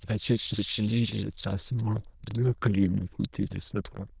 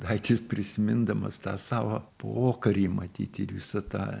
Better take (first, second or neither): second